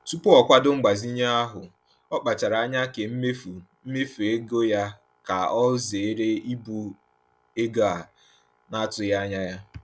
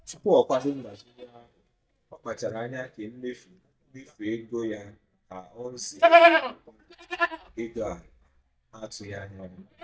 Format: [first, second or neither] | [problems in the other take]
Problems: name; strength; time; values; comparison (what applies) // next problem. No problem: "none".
first | noise reduction (neural mask model DeepFilterNet 3)